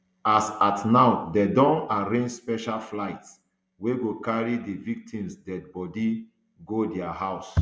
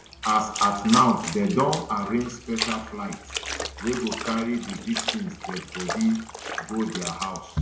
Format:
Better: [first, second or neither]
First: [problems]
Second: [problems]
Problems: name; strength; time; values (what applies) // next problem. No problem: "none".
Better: first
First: none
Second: background sound (Trickle, dribble / Splash, splatter); 8 dB below the speech // room echo; dies away in 0.7 s